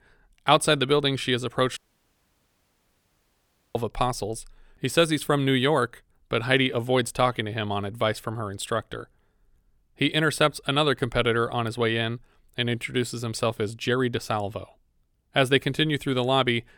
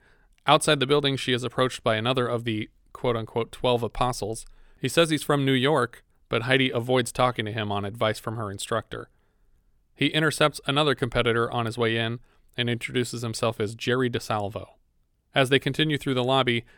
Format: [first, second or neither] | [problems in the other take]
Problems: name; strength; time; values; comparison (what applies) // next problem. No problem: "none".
second | audio cutting out; at 2 s for 2 s